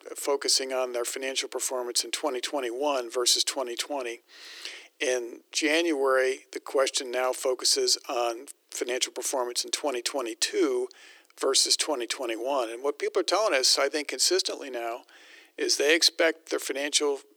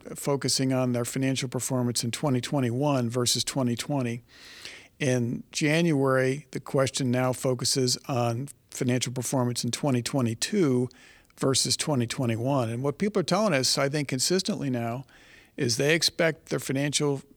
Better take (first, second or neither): second